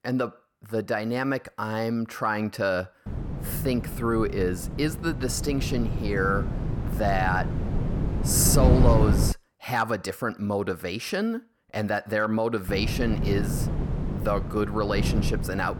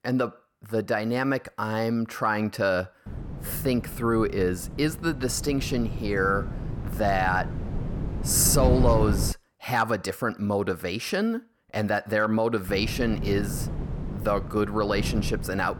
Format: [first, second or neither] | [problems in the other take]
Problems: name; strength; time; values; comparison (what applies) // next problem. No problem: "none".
second | wind noise on the microphone; heavy; from 3 to 9.5 s and from 13 s on; 9 dB below the speech; occasional gusts in the second